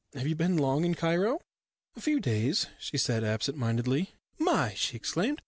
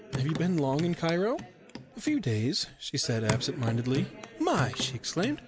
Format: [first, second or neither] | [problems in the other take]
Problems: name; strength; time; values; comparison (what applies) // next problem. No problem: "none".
first | background sound (Hands / Wood); 8 dB below the speech